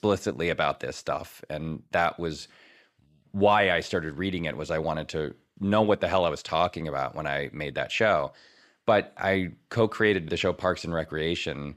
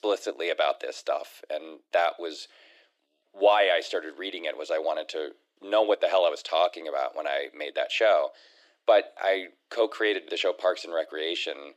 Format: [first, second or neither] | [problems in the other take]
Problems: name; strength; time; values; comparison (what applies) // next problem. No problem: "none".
first | thin; very; fading below 300 Hz